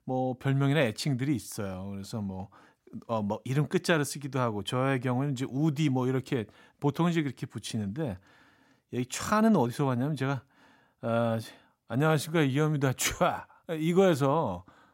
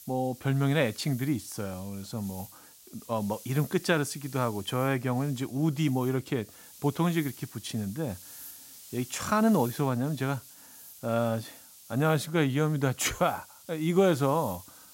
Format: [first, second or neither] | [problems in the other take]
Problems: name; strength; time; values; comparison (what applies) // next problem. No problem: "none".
first | hiss; noticeable; throughout; 15 dB below the speech